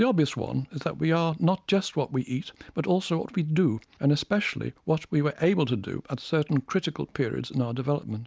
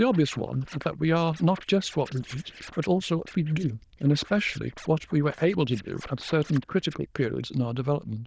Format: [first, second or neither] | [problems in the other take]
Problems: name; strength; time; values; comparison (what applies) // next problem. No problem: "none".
first | noise reduction (neural diffusion model UNIVERSE++)